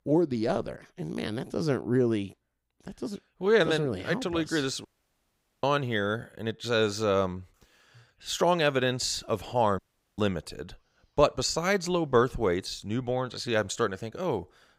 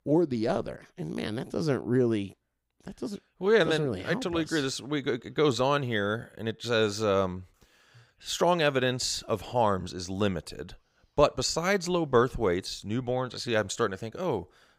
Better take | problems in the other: second | audio cutting out; at 5 s for 1 s and at 10 s

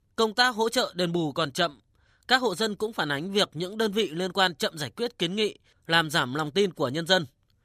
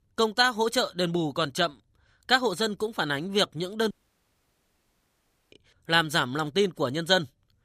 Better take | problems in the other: first | audio cutting out; at 4 s for 1.5 s

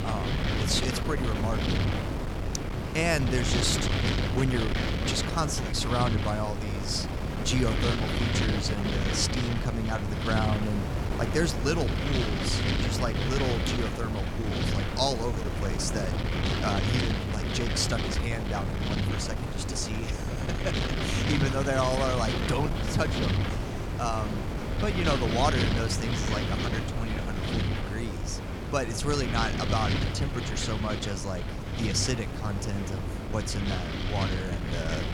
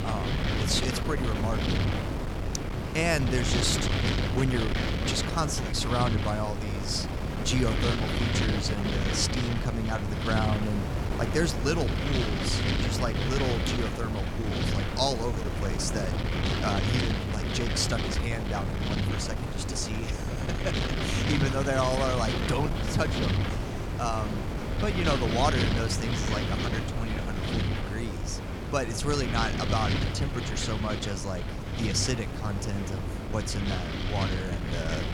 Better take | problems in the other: neither | wind noise on the microphone; heavy; 1 dB below the speech; the same in both

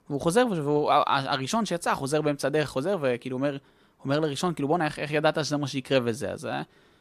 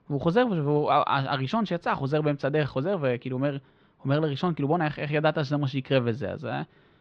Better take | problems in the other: first | muffled; slightly; fading above 4 kHz

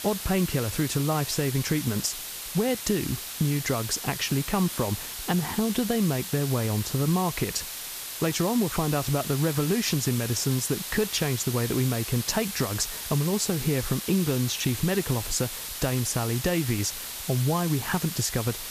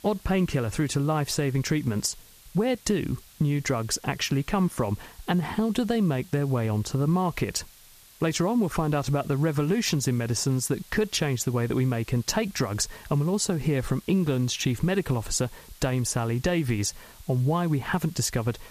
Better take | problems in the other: second | hiss; loud; throughout; 6 dB below the speech; faint in the second

